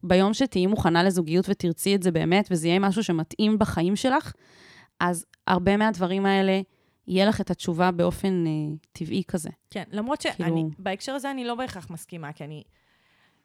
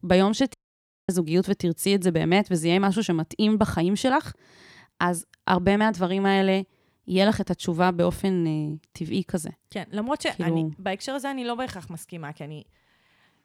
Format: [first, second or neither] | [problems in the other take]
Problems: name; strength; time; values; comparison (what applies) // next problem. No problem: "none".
first | audio cutting out; at 0.5 s for 0.5 s